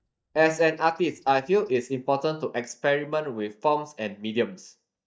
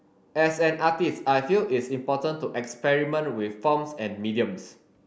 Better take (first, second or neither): second